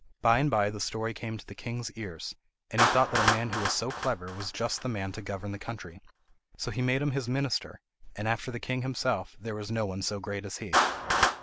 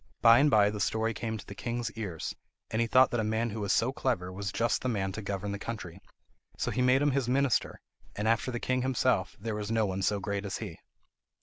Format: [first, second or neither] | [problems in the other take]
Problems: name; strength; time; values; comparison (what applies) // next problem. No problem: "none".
second | background sound (Clapping); 3 dB below the speech